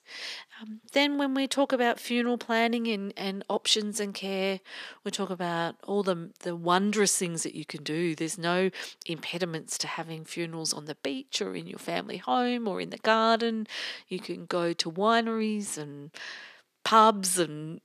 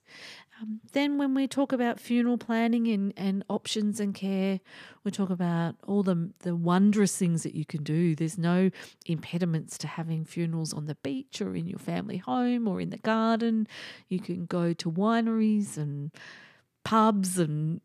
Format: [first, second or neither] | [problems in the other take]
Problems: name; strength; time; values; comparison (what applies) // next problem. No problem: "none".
second | thin; somewhat; fading below 400 Hz